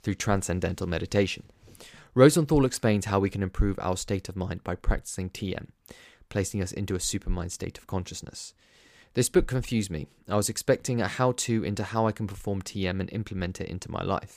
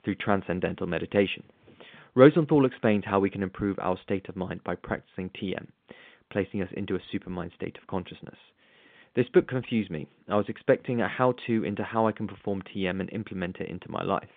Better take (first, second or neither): first